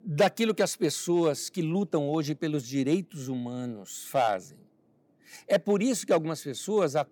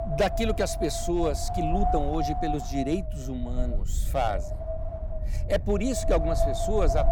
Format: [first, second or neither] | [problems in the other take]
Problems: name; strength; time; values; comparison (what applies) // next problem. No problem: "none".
first | wind noise on the microphone; heavy; 2 dB below the speech